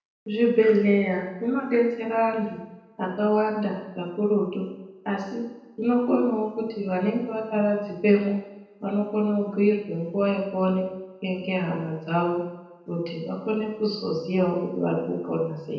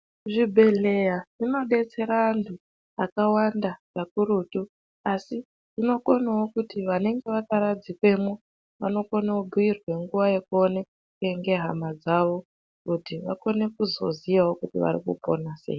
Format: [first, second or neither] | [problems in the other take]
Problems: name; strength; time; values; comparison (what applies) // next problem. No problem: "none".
second | room echo; dies away in 0.9 s